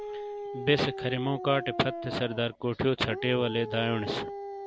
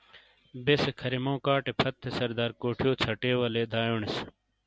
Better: second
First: background sound (Dog); 9 dB below the speech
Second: none

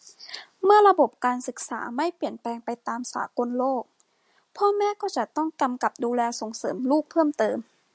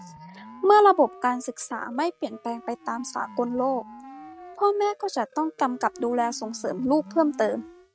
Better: first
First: none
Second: noise reduction (neural mask model RNNoise)

